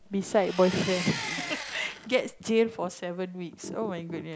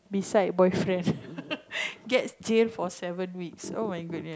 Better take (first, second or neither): second